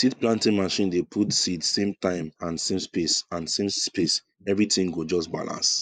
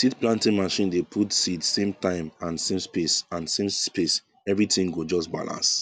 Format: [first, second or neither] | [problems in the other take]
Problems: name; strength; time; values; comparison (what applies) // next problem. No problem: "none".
second | noise reduction (neural mask model Resemble Enhance denoiser)